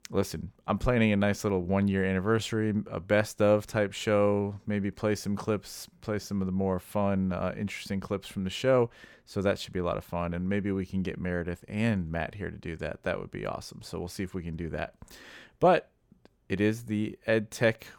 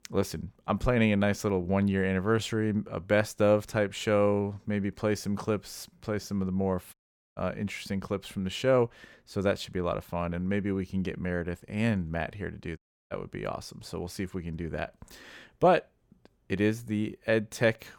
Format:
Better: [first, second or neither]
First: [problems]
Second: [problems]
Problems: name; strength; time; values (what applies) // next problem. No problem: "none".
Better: first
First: none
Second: audio cutting out; at 7 s and at 13 s